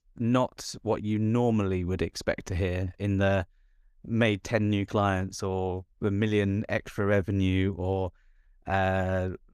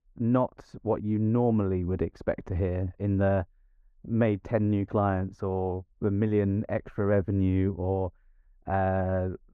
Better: first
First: none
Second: muffled; very; fading above 2.5 kHz

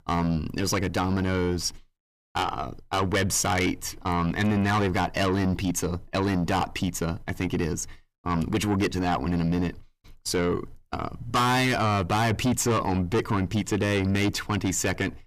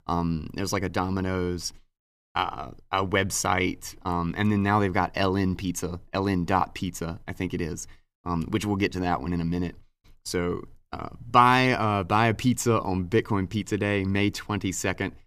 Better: second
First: distortion; heavy; 6 dB below the speech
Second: none

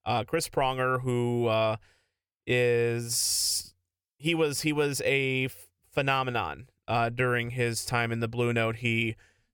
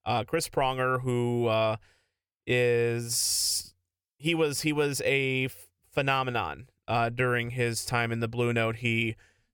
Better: neither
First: none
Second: none

